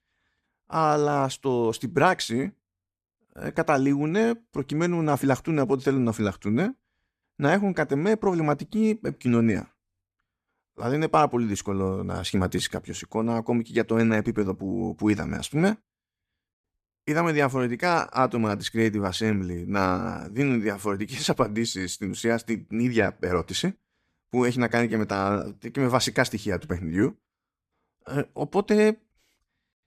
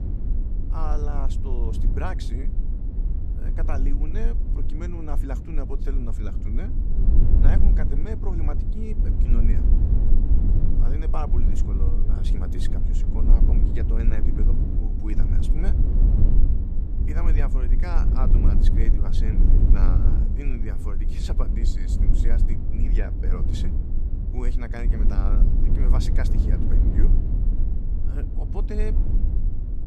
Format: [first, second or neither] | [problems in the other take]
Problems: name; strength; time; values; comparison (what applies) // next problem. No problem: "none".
first | low rumble; loud; throughout; 1 dB below the speech